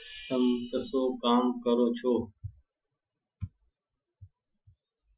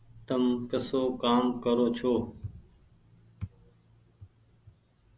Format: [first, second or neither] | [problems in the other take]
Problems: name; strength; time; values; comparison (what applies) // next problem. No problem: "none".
second | noise reduction (classical method Wiener filter)